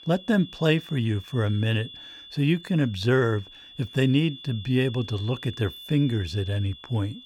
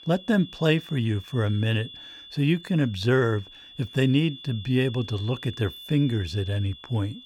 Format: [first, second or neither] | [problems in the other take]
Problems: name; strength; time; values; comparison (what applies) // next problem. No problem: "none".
neither | high-pitched whine; noticeable; throughout; 3.5 kHz, 15 dB below the speech; the same in both